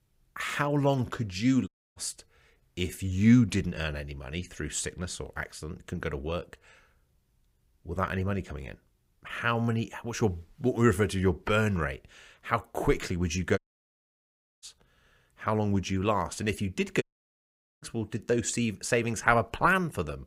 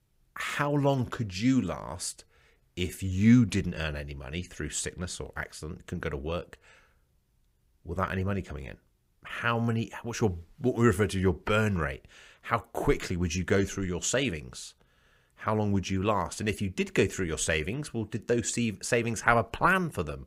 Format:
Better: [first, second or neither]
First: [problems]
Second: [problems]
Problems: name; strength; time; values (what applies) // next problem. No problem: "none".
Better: second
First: audio cutting out; at 1.5 s, at 14 s for 1 s and at 17 s for 1 s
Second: none